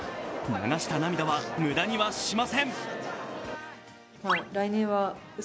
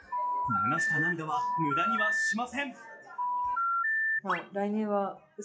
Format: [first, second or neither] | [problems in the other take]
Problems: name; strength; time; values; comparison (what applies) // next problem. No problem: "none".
first | noise reduction (classical method WPE with log-MMSE)